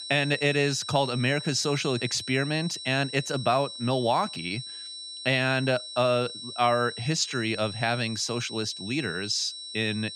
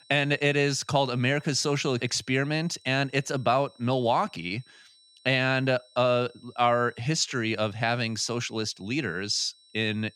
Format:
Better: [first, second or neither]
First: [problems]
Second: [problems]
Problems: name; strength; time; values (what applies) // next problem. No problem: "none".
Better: second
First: high-pitched whine; loud; throughout; 4 kHz, 10 dB below the speech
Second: high-pitched whine; faint; throughout; 4 kHz, 30 dB below the speech